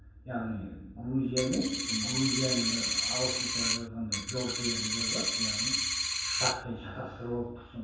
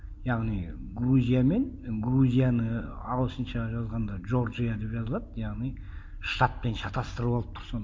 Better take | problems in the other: second | background sound (Coin (dropping)); 3 dB above the speech // room echo; dies away in 0.7 s

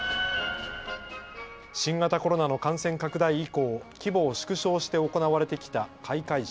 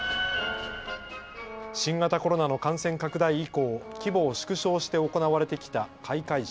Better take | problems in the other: first | background sound (Brass instrument); 16 dB below the speech

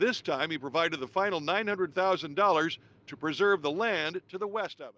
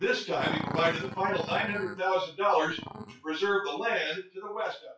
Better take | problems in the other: first | noise reduction (classical method WPE with log-MMSE)

